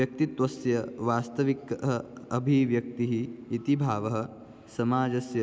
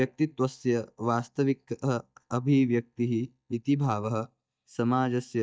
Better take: first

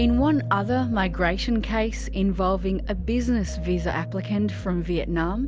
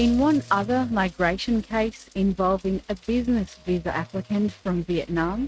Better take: first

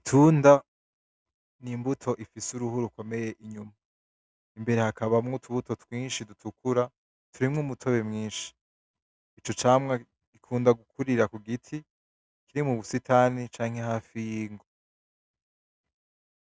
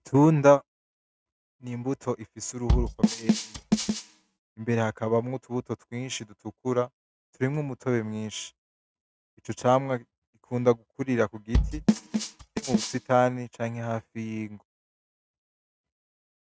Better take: first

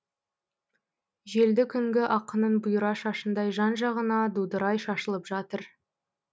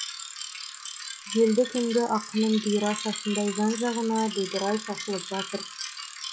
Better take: first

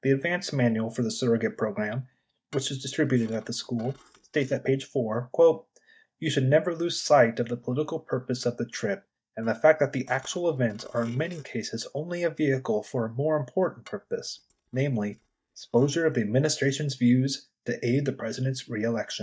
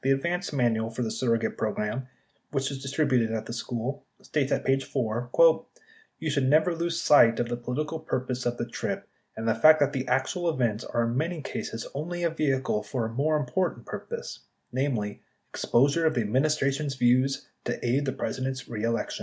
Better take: second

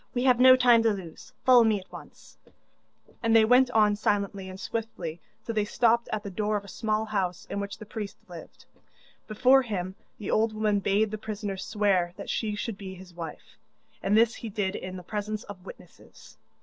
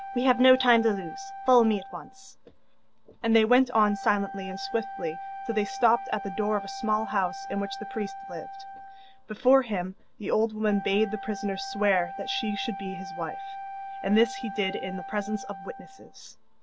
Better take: first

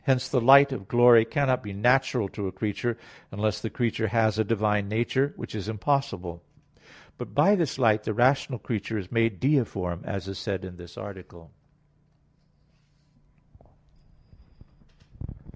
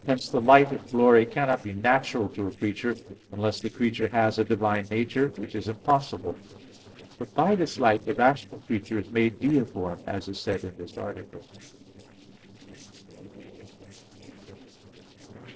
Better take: first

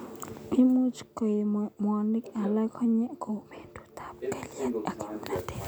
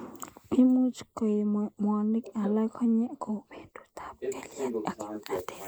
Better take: first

